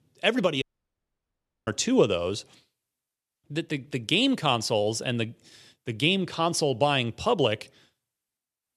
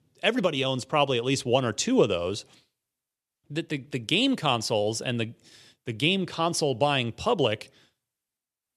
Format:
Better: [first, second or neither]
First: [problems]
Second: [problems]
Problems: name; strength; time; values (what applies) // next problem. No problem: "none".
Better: second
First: audio cutting out; at 0.5 s for 1 s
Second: none